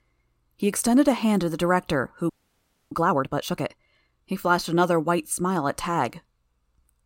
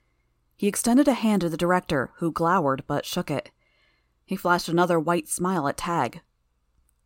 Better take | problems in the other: second | audio freezing; at 2.5 s for 0.5 s

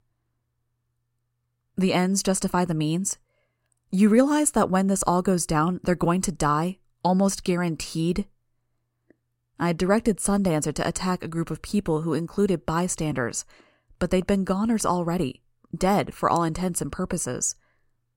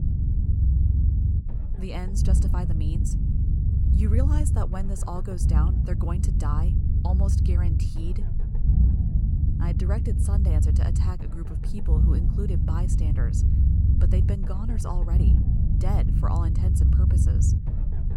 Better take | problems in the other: first | low rumble; loud; throughout; as loud as the speech

